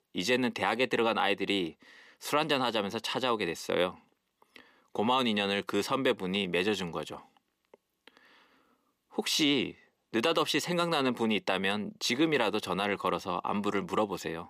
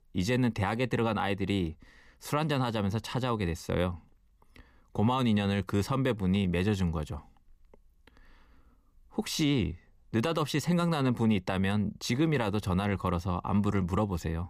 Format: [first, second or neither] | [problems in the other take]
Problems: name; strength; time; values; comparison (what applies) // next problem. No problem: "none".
second | thin; somewhat; fading below 350 Hz